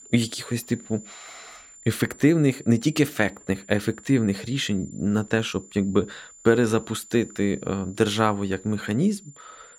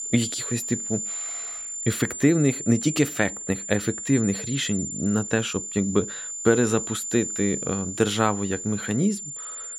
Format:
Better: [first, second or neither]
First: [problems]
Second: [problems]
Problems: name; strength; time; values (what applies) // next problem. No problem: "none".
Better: first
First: high-pitched whine; faint; throughout; 7 kHz, 20 dB below the speech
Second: high-pitched whine; loud; throughout; 7 kHz, 6 dB below the speech